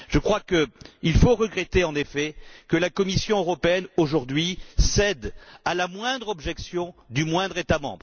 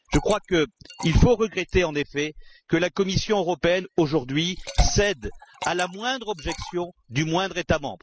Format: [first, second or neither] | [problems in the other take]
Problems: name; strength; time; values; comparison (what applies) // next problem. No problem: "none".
first | noise reduction (classical method spectral subtraction)